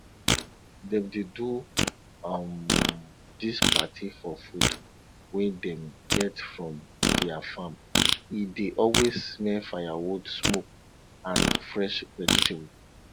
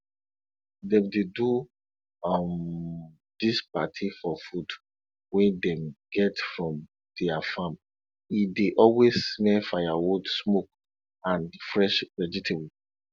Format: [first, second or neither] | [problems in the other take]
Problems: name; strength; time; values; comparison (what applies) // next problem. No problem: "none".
second | background sound (Fart); 2 dB above the speech